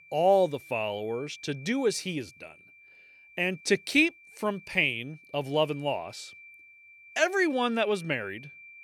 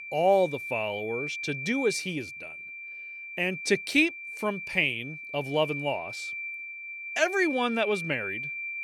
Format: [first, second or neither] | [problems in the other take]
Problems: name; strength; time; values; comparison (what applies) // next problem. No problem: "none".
first | high-pitched whine; loud; throughout; 2.5 kHz, 7 dB below the speech; faint in the first